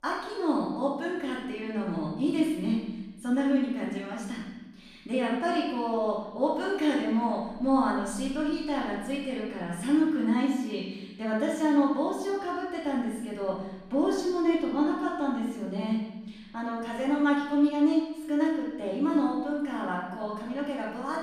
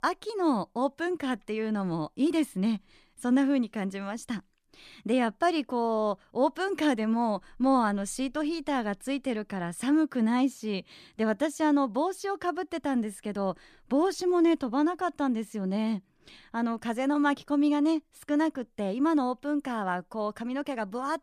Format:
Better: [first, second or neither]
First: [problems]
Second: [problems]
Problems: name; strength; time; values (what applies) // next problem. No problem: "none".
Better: second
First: off-mic speech; far // room echo; noticeable; dies away in 1 s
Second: none